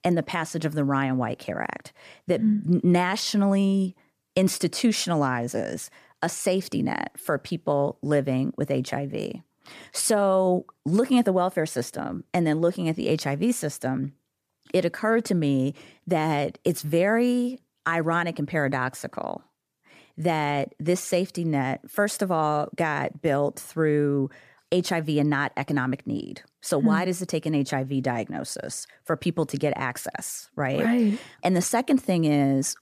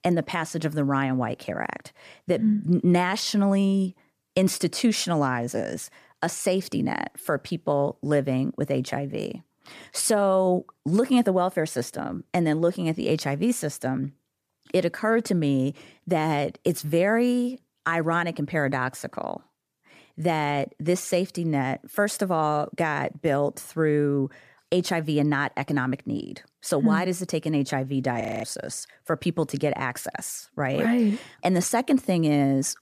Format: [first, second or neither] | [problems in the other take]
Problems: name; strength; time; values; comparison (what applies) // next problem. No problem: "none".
first | audio freezing; at 28 s